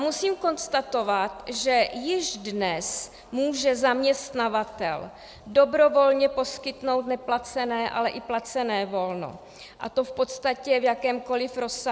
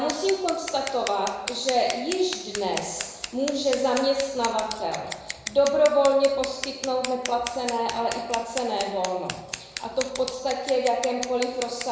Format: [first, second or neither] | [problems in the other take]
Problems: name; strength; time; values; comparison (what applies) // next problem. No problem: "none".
first | background sound (Scissors); 11 dB below the speech // room echo; dies away in 1 s